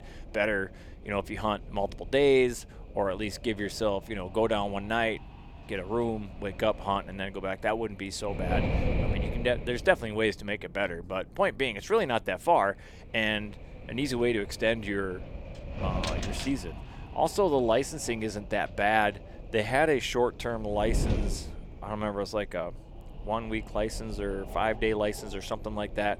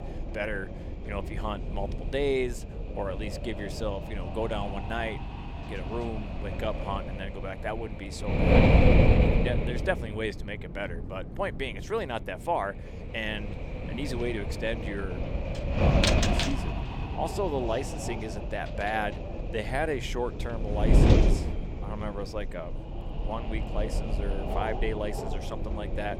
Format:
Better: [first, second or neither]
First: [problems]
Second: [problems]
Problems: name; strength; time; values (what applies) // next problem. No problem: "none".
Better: first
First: wind noise on the microphone; occasional gusts; 15 dB below the speech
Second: wind noise on the microphone; heavy; as loud as the speech